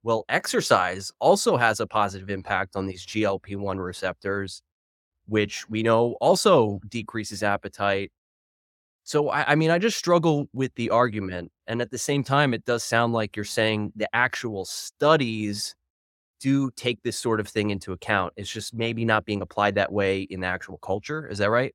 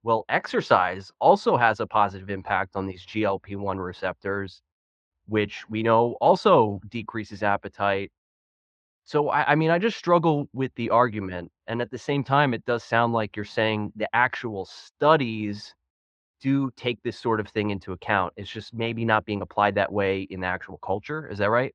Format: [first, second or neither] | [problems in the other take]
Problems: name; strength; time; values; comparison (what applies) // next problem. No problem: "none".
first | muffled; slightly; fading above 3.5 kHz